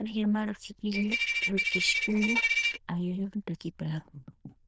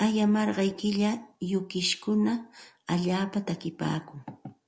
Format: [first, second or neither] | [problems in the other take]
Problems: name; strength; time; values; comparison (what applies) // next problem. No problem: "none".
second | noise reduction (neural diffusion model UNIVERSE++)